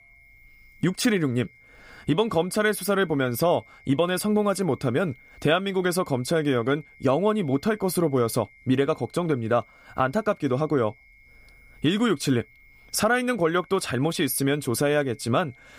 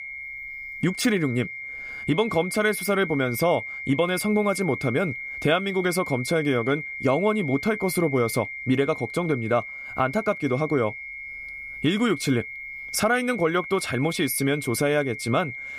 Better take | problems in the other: first | high-pitched whine; loud; throughout; 2 kHz, 8 dB below the speech; faint in the first

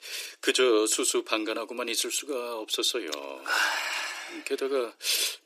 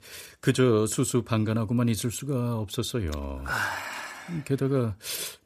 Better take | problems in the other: second | thin; very; fading below 300 Hz

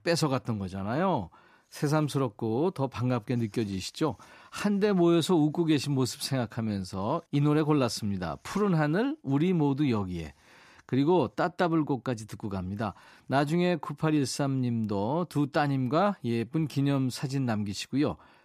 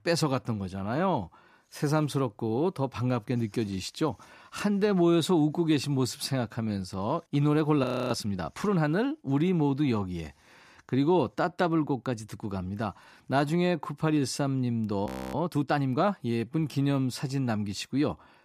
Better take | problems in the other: first | audio freezing; at 8 s and at 15 s

